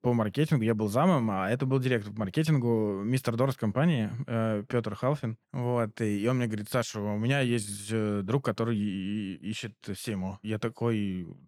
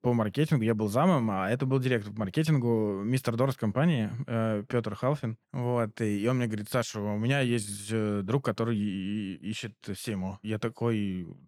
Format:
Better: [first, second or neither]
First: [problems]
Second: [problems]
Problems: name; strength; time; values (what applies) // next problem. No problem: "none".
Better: neither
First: none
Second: none